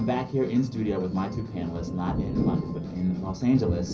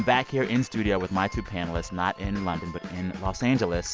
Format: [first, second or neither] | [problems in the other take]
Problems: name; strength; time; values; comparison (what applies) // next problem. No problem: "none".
second | background sound (Thunder); 6 dB below the speech // room echo; dies away in 0.5 s